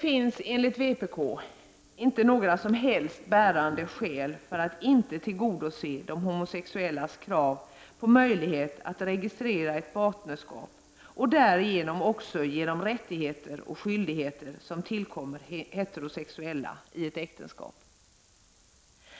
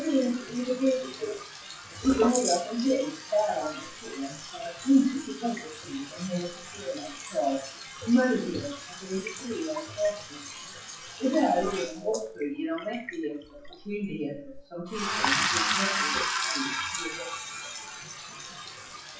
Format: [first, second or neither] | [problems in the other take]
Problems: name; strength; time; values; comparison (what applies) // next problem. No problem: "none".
first | noise reduction (classical method WPE with log-MMSE)